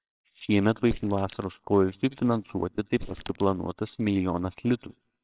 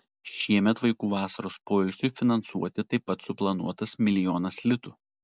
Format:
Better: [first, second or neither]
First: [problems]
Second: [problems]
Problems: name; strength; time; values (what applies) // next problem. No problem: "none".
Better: second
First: noise reduction (neural separator model SepFormer WHAMR!)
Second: none